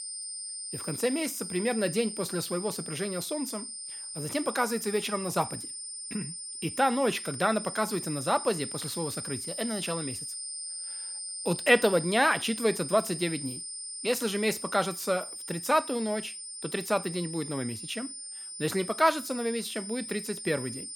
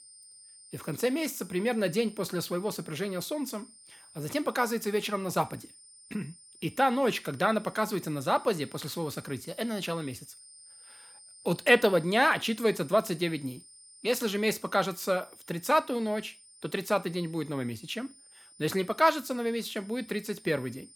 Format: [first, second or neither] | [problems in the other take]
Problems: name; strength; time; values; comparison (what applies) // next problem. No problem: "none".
second | high-pitched whine; loud; throughout; 9 kHz, 7 dB below the speech; faint in the second